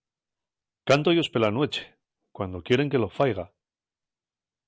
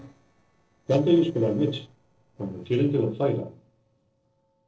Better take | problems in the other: first | noise reduction (neural separator model SepFormer DNS4)

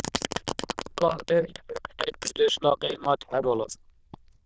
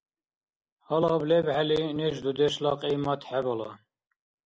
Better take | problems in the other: second | noise reduction (neural diffusion model UNIVERSE++)

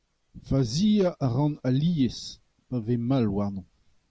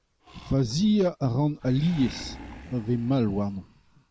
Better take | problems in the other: first | background sound (Animal); 19 dB below the speech

